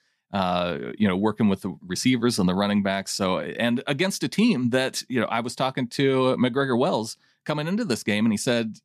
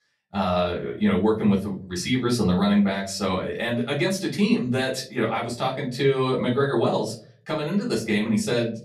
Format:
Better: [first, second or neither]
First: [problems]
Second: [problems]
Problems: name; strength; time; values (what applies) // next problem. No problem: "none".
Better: first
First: none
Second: off-mic speech; far // room echo; very slight; dies away in 0.4 s